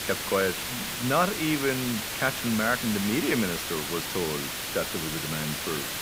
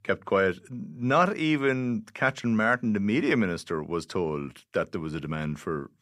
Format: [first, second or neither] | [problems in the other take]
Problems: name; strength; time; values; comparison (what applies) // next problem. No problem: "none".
second | hiss; loud; throughout; 2 dB below the speech